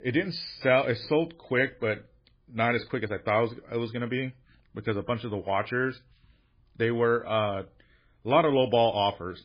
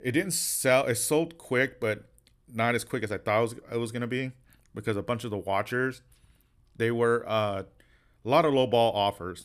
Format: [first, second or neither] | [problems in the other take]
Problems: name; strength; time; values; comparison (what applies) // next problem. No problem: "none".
second | garbled, watery; badly; nothing above 4.5 kHz